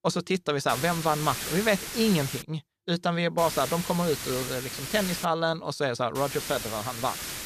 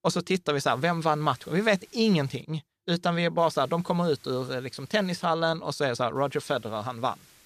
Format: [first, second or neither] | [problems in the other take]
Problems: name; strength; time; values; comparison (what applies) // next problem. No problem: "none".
second | hiss; loud; from 0.5 to 2.5 s, from 3.5 to 5.5 s and from 6 s on; 6 dB below the speech; faint in the second